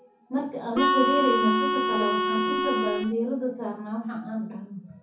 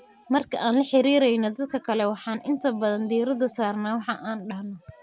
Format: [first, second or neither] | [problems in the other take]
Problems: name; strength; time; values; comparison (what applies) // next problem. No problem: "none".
second | background sound (Harmonica); 4 dB above the speech // room echo; dies away in 0.6 s